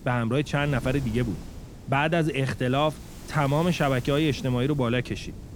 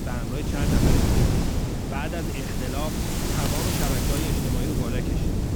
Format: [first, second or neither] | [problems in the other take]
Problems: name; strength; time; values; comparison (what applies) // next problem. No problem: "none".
first | wind noise on the microphone; heavy; 4 dB above the speech; occasional gusts in the first